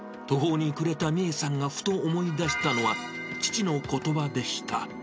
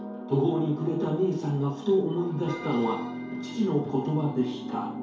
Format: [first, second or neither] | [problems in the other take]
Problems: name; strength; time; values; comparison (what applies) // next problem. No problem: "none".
first | room echo; dies away in 2.4 s